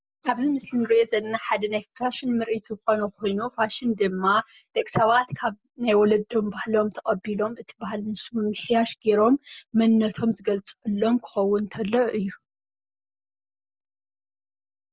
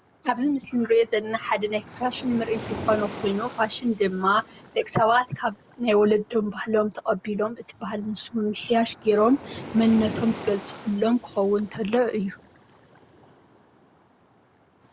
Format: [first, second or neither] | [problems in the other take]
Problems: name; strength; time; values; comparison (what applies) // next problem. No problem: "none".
first | background sound (Waves, surf); 16 dB below the speech